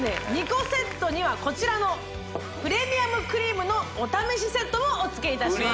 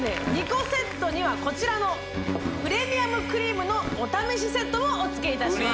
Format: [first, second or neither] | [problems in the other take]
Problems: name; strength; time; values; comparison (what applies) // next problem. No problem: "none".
first | background sound (Guitar + Bowed string instrument); 7 dB below the speech